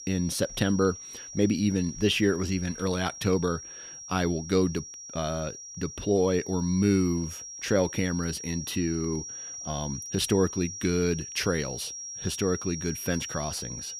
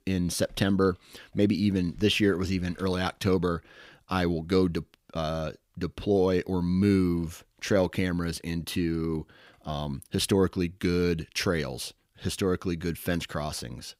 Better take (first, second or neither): second